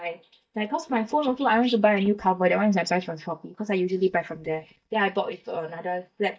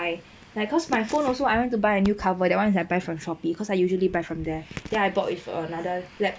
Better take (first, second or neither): second